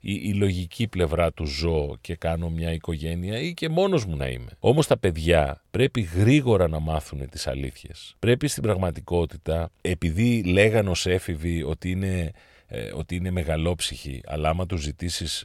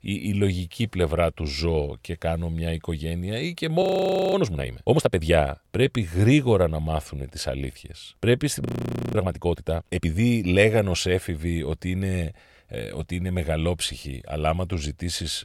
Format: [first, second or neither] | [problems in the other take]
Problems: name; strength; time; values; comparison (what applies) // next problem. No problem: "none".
first | audio freezing; at 4 s for 0.5 s and at 8.5 s for 0.5 s